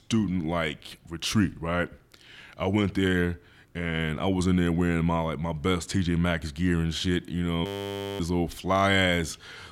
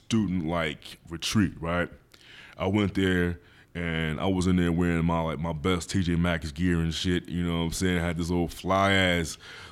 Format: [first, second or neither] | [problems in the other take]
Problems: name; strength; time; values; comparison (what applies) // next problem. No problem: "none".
second | audio freezing; at 7.5 s for 0.5 s